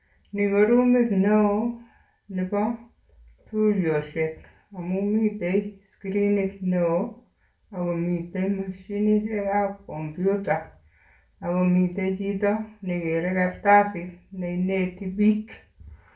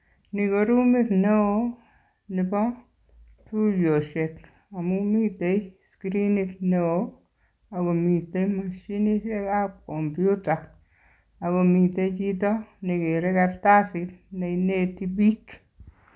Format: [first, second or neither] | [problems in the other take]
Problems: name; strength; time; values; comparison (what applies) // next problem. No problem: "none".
second | room echo; dies away in 0.3 s